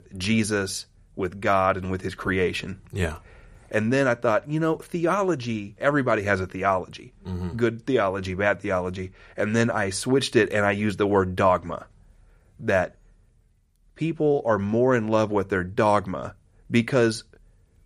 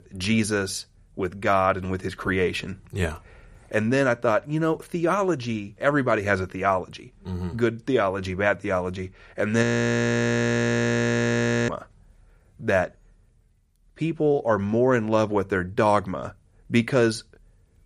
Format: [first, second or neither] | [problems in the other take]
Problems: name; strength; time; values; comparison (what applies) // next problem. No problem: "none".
first | audio freezing; at 9.5 s for 2 s